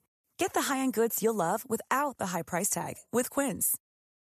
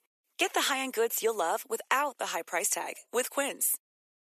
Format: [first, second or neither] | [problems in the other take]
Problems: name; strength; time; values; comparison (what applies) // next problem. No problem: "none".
first | thin; somewhat; fading below 350 Hz